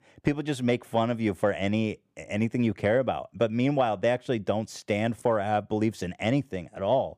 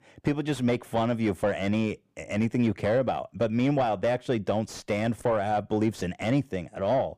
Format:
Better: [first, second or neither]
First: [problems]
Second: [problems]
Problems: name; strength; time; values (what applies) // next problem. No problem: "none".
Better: first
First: none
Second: distortion; slight; 10 dB below the speech